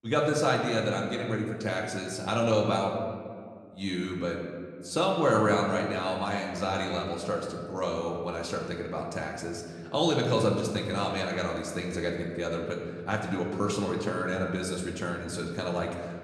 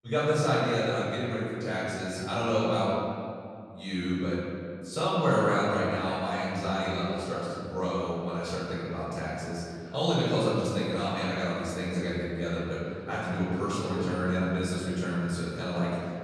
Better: first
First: room echo; slight; dies away in 1.5 s // off-mic speech; somewhat distant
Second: room echo; strong; dies away in 2.1 s // off-mic speech; far

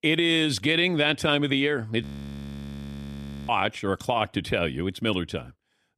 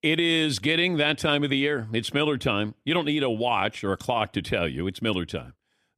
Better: second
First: audio freezing; at 2 s for 1.5 s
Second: none

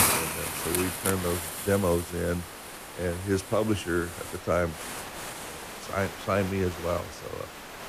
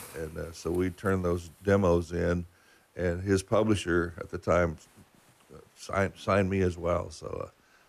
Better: second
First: hiss; loud; throughout; 4 dB below the speech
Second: hiss; faint; throughout; 30 dB below the speech

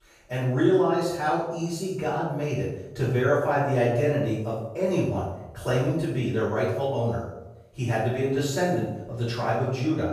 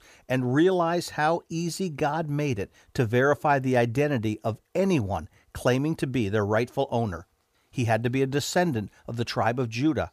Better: second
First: off-mic speech; far // room echo; strong; dies away in 0.8 s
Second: none

